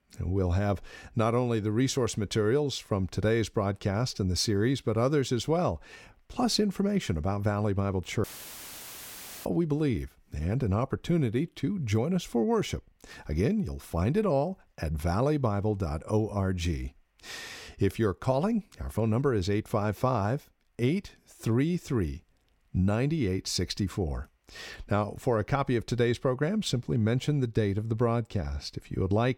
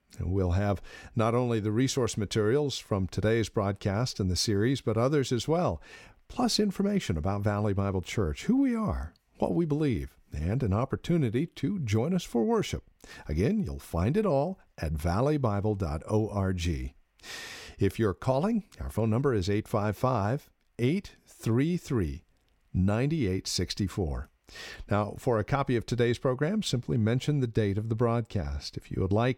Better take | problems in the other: second | audio cutting out; filled with static; at 8 s for 1 s

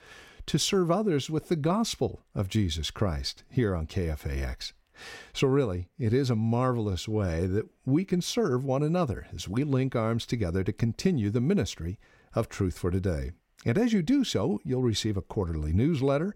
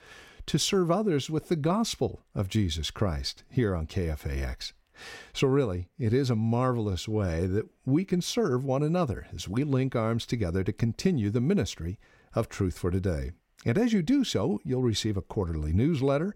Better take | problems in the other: neither | none

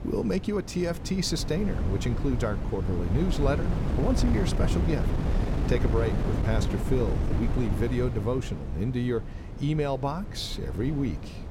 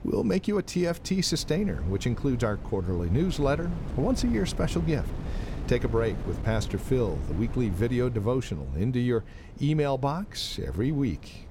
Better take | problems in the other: second | wind noise on the microphone; heavy; 6 dB below the speech; occasional gusts in the second

